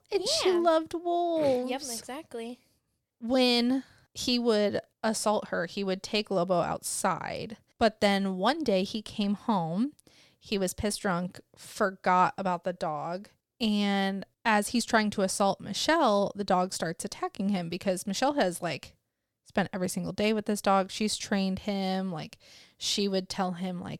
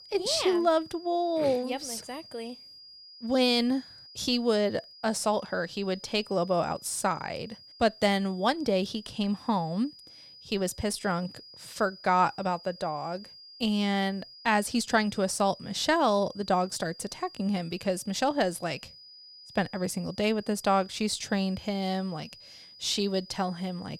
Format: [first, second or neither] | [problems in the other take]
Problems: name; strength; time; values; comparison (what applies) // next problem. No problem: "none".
first | high-pitched whine; noticeable; throughout; 5 kHz, 20 dB below the speech